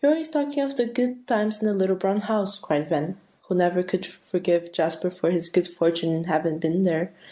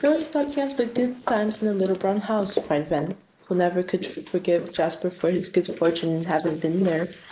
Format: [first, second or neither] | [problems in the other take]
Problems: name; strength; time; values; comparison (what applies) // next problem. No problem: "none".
first | noise reduction (neural mask model Resemble Enhance denoiser)